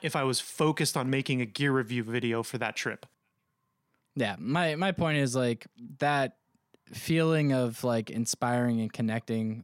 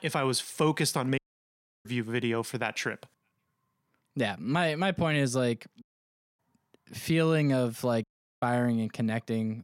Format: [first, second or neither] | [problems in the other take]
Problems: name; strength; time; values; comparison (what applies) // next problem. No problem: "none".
first | audio cutting out; at 1 s for 0.5 s, at 6 s for 0.5 s and at 8 s